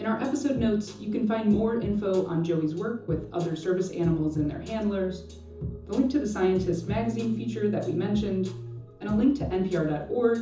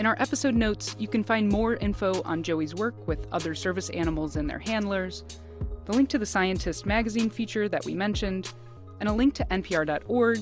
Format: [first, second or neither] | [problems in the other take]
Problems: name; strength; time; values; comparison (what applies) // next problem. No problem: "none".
second | room echo; dies away in 0.6 s